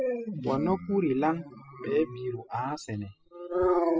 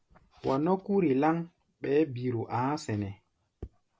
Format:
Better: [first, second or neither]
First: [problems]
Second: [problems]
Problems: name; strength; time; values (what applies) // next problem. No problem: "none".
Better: second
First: noise reduction (classical method spectral subtraction)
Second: none